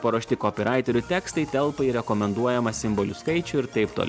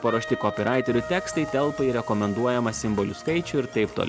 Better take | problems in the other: first | background sound (Wind instrument, woodwind instrument); 13 dB below the speech

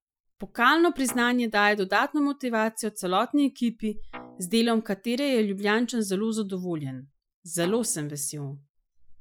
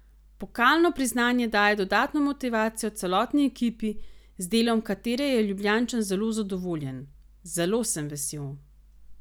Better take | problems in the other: second | noise reduction (classical method Wiener filter)

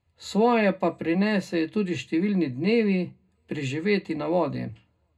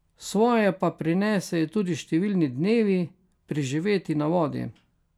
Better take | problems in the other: second | room echo; dies away in 0.2 s

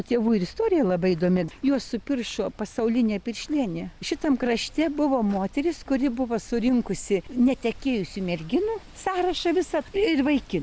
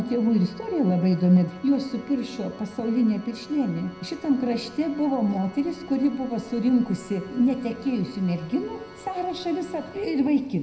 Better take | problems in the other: first | background sound (Organ); 19 dB below the speech // room echo; dies away in 0.7 s

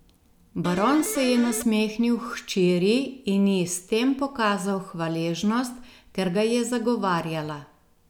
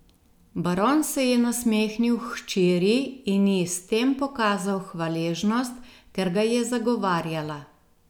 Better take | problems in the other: second | background sound (Electric guitar); 9 dB below the speech

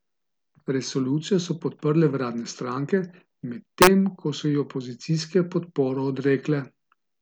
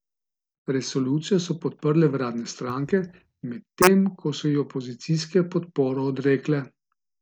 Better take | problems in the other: first | noise reduction (neural mask model DeepFilterNet 3)

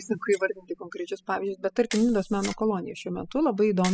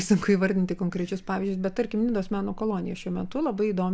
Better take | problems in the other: second | noise reduction (classical method spectral subtraction)

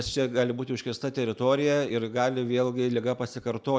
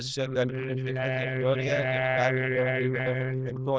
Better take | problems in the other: first | noise reduction (neural diffusion model UNIVERSE++)

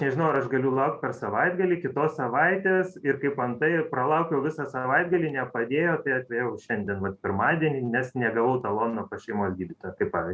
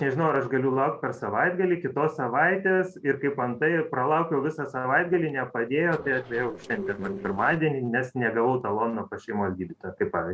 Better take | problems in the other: first | noise reduction (neural separator model SepFormer DNS4)

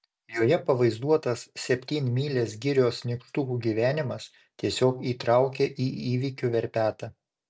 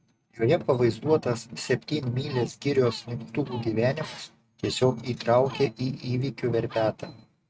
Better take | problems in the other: first | noise reduction (neural mask model RNNoise)

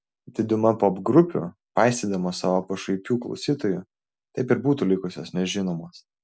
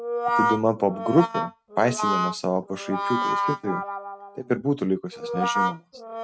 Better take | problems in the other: first | noise reduction (neural mask model RNNoise)

